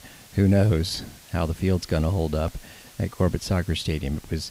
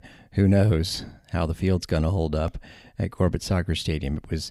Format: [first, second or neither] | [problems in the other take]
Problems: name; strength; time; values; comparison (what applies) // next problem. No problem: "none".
second | hiss; faint; throughout; 20 dB below the speech